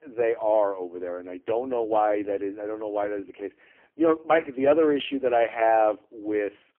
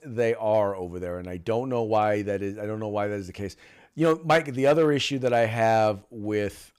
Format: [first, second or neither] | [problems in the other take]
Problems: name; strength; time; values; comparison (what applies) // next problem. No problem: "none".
second | phone-call audio; poor line; nothing above 3.5 kHz